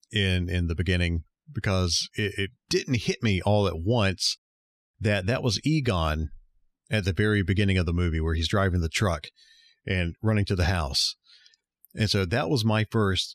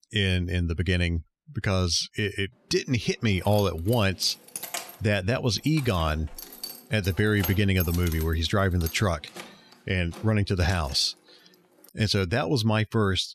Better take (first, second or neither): first